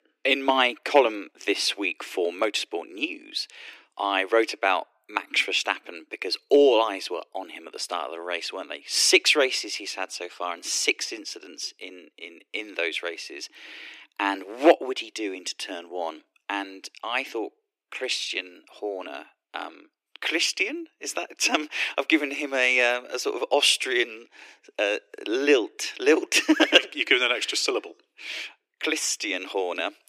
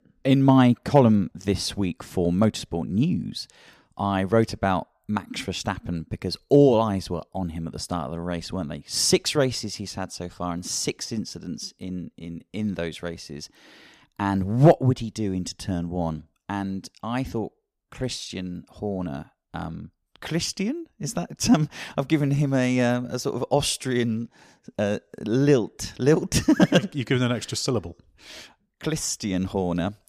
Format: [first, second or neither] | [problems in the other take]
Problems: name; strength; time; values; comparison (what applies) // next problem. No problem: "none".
second | thin; very; fading below 300 Hz